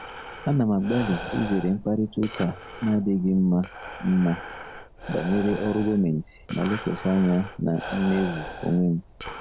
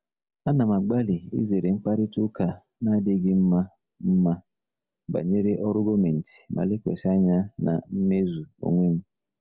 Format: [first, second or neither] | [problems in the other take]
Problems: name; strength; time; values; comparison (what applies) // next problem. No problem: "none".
second | background sound (Breathing); 13 dB below the speech